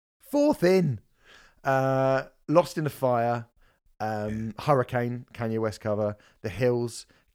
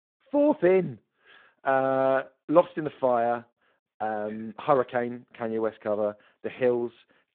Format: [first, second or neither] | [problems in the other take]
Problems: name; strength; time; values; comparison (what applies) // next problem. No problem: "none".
first | phone-call audio; nothing above 3.5 kHz